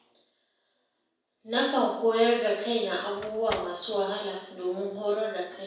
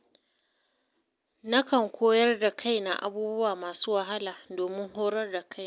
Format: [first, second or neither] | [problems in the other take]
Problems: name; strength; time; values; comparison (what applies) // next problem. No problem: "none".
second | background sound (Slam); 15 dB below the speech // room echo; dies away in 0.7 s